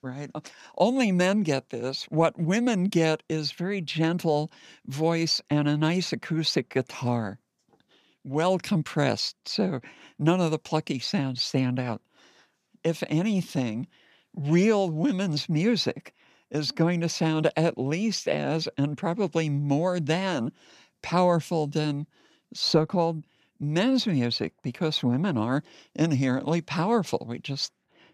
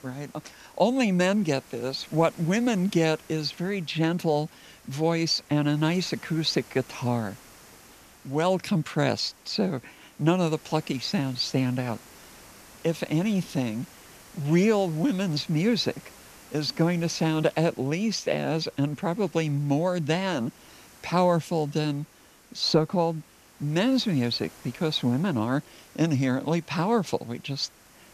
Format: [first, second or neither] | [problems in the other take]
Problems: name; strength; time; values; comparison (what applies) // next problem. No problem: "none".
first | hiss; faint; throughout; 25 dB below the speech